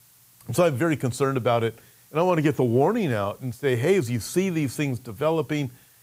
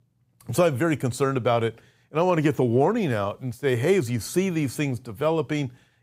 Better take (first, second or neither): second